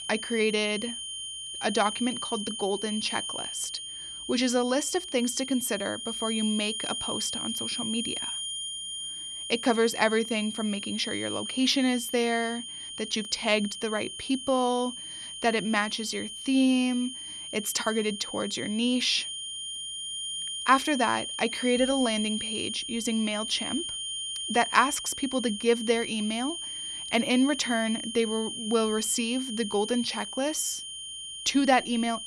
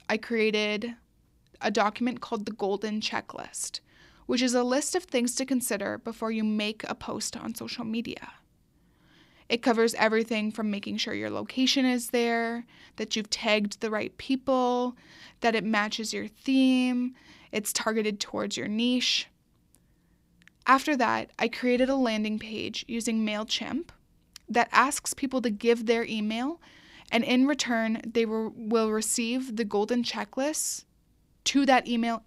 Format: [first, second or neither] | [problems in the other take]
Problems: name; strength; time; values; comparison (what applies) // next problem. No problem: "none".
second | high-pitched whine; loud; throughout; 3 kHz, 6 dB below the speech